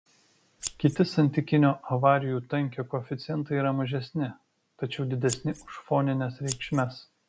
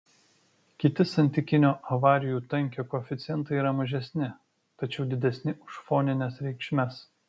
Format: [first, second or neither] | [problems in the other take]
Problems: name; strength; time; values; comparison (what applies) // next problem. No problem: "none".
second | background sound (Scissors); 12 dB below the speech